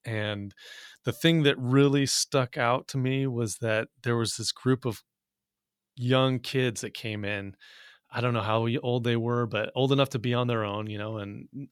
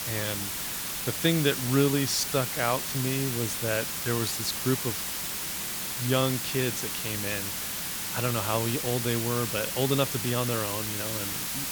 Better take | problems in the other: first | hiss; loud; throughout; 1 dB below the speech

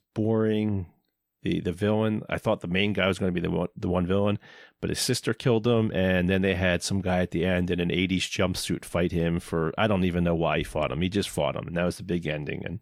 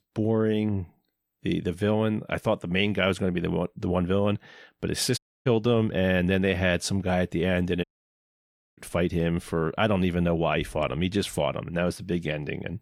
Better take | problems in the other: first | audio cutting out; at 5 s and at 8 s for 1 s

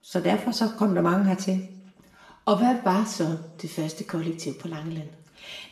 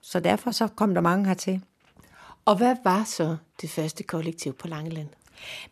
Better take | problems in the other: second | room echo; slight; dies away in 0.6 s // off-mic speech; far

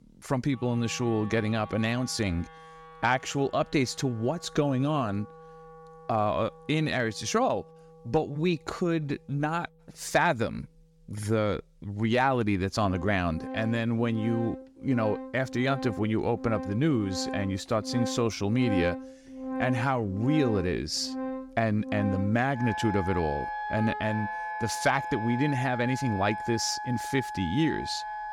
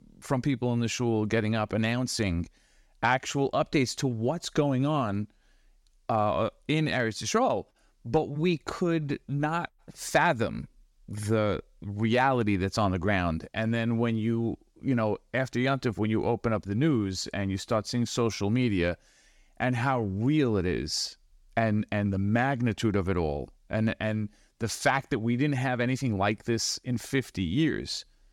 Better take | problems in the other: second | background music; loud; throughout; 8 dB below the speech

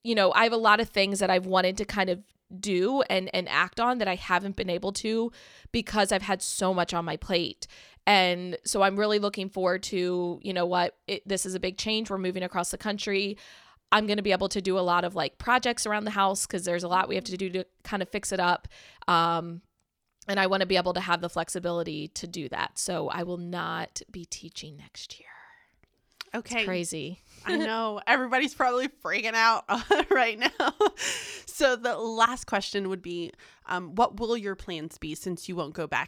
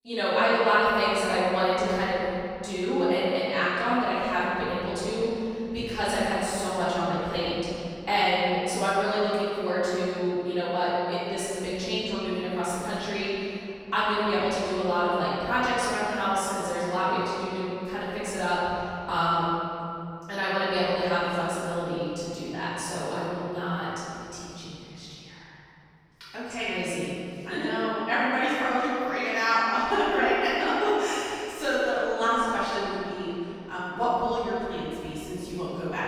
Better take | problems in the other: first | room echo; strong; dies away in 2.7 s // off-mic speech; far

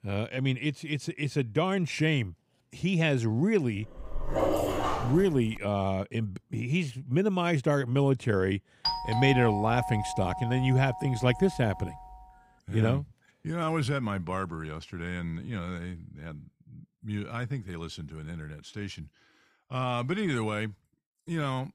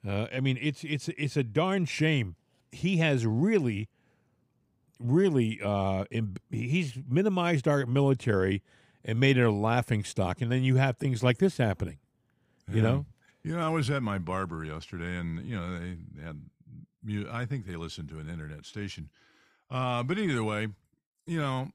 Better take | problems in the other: second | dog barking; loud; from 4 to 5.5 s; peak 2 dB above the speech // doorbell; noticeable; from 9 to 12 s; peak level with the speech

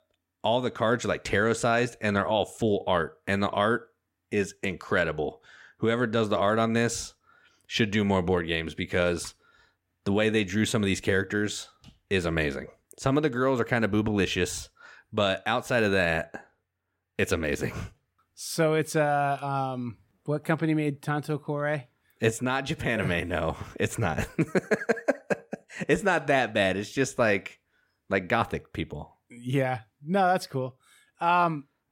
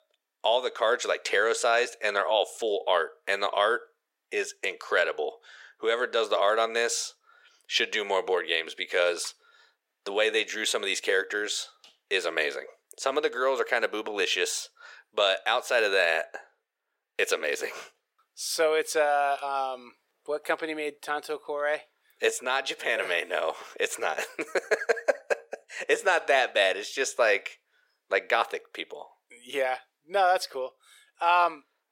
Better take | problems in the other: first | thin; very; fading below 450 Hz

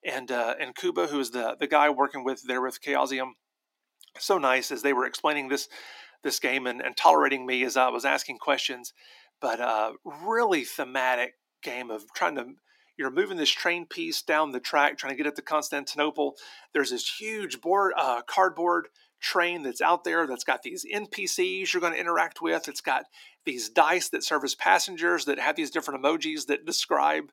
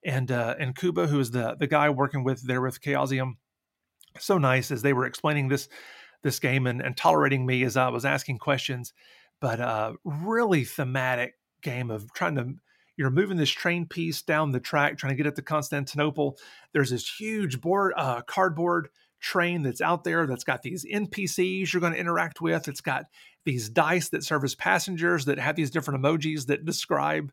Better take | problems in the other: second | thin; somewhat; fading below 250 Hz

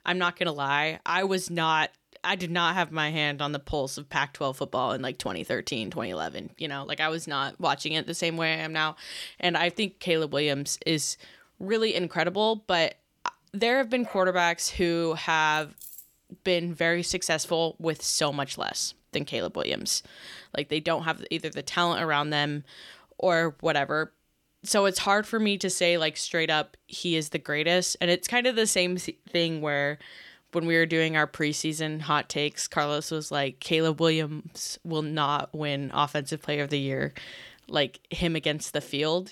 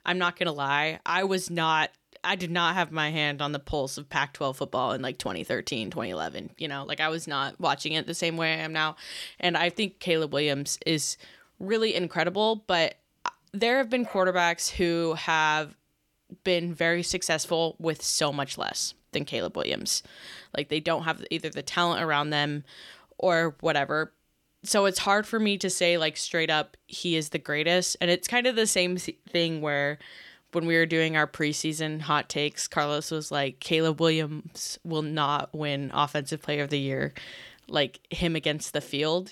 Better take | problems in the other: second | jangling keys; faint; at 16 s; peak 15 dB below the speech

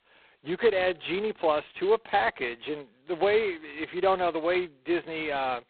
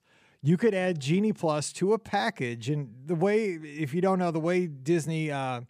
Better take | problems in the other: second | phone-call audio; poor line; nothing above 4 kHz

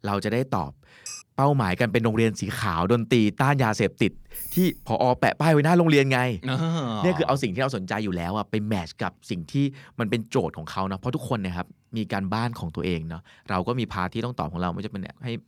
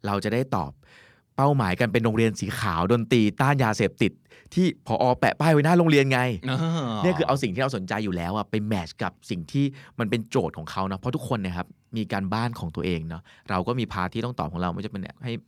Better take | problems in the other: second | clattering dishes; faint; at 1 s; peak 15 dB below the speech // jangling keys; noticeable; at 4 s; peak 7 dB below the speech

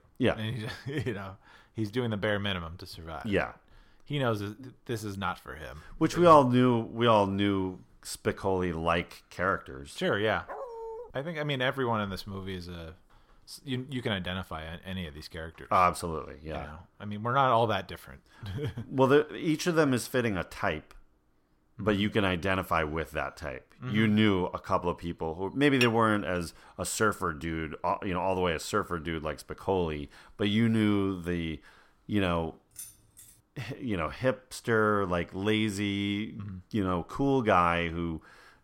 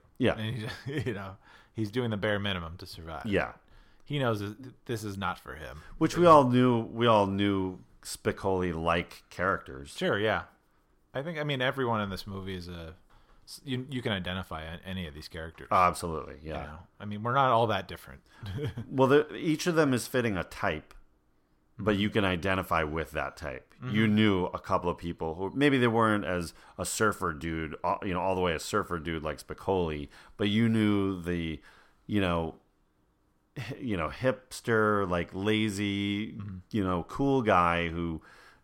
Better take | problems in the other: second | dog barking; faint; at 10 s; peak 10 dB below the speech // clattering dishes; noticeable; at 26 s; peak 3 dB below the speech // jangling keys; faint; at 33 s; peak 15 dB below the speech

